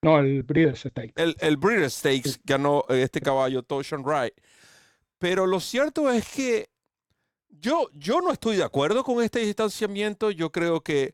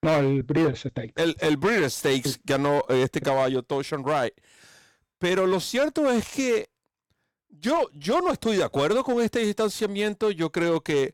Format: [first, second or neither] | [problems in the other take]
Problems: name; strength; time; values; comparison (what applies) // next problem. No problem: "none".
first | distortion; slight; 8% of the sound clipped